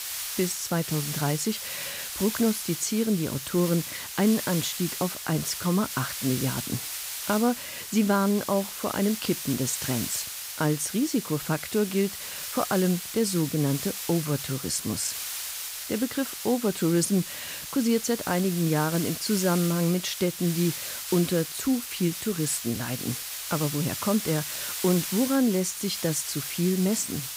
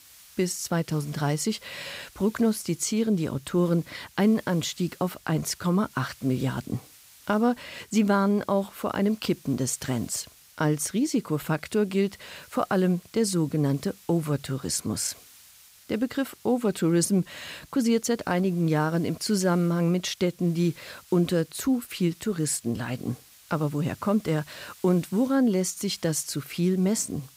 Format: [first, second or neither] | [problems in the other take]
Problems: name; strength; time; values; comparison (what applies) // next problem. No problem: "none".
second | hiss; loud; throughout; 5 dB below the speech; faint in the second